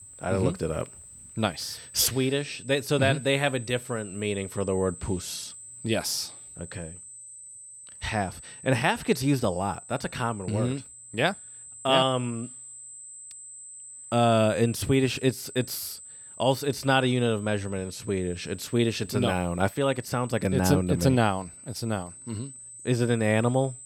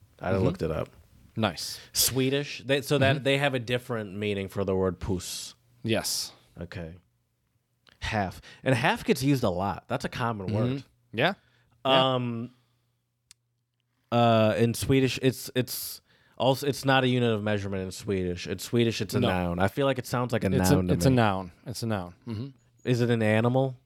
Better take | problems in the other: second | high-pitched whine; noticeable; throughout; 8 kHz, 15 dB below the speech

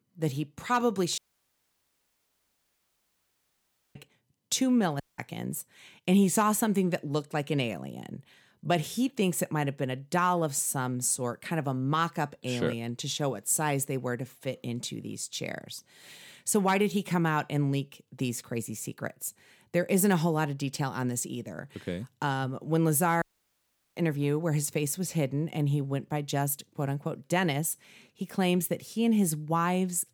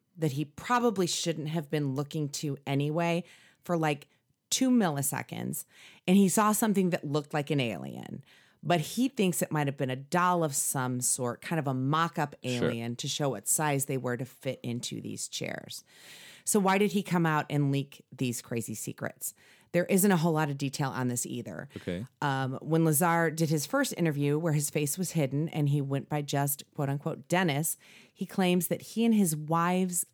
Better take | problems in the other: second | audio cutting out; at 1 s for 3 s, at 5 s and at 23 s for 0.5 s

